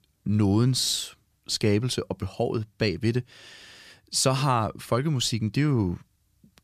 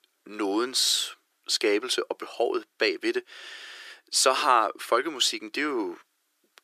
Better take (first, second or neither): first